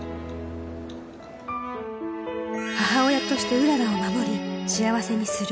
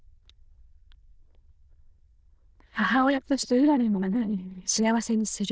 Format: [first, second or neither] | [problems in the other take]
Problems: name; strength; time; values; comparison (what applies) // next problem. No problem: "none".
first | noise reduction (neural diffusion model UNIVERSE++)